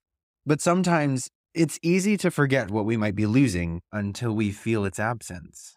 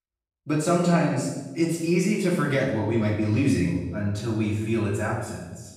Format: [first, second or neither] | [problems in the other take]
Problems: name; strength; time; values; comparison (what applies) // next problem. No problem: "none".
first | room echo; noticeable; dies away in 1 s // off-mic speech; far